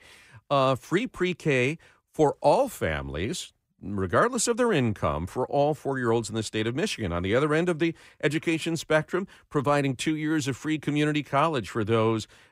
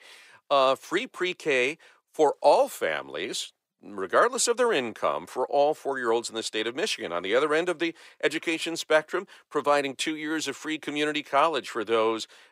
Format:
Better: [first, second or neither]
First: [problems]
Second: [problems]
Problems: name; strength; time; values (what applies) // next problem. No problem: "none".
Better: first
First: none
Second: thin; somewhat; fading below 500 Hz